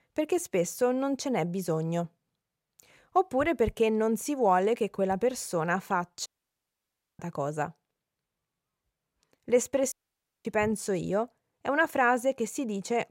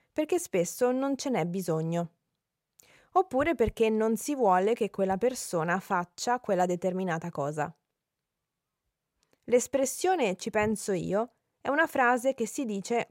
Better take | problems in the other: second | audio cutting out; at 6.5 s for 1 s and at 10 s for 0.5 s

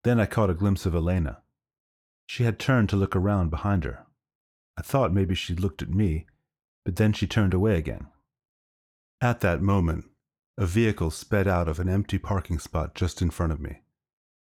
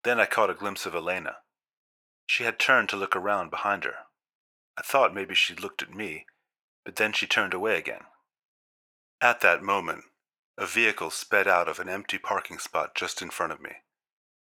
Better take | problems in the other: first | thin; very; fading below 700 Hz

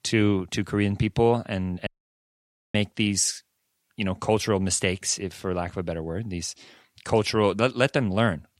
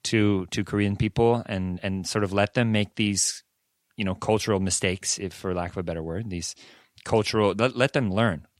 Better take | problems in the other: second | audio cutting out; at 2 s for 1 s

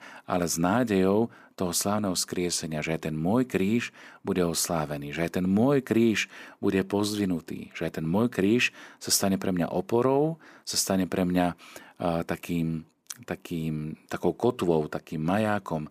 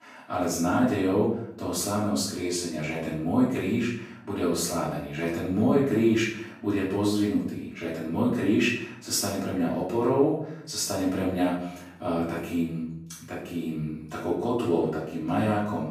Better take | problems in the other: first | off-mic speech; far // room echo; noticeable; dies away in 0.7 s

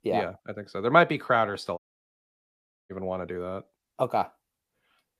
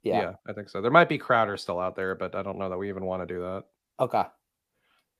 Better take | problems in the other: second | audio cutting out; at 2 s for 1 s

